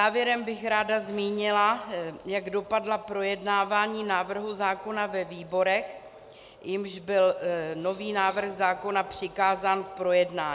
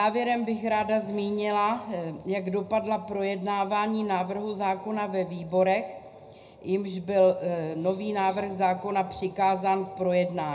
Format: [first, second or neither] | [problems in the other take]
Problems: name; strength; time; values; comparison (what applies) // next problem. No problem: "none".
first | room echo; dies away in 0.3 s